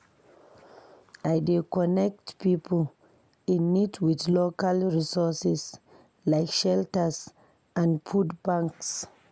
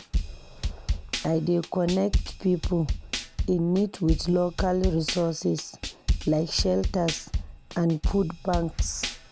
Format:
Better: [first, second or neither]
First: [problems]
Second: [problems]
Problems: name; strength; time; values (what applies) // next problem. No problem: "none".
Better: first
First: none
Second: background sound (Drum / Drum kit); 4 dB below the speech